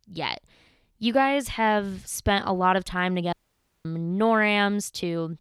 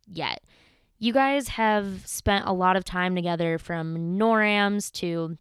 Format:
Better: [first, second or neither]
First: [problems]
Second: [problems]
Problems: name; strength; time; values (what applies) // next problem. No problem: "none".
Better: second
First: audio cutting out; at 3.5 s for 0.5 s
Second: none